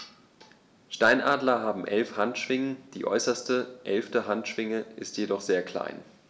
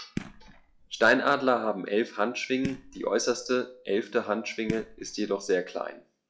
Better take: first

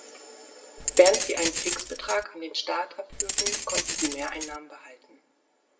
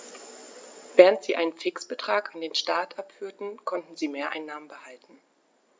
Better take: second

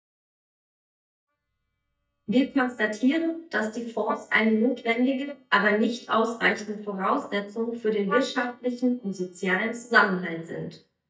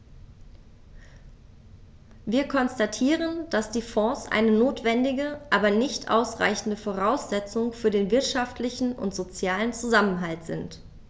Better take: second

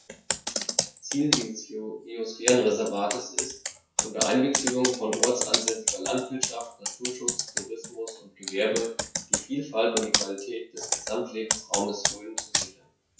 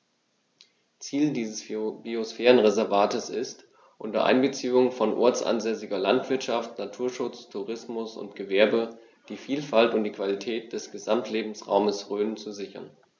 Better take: second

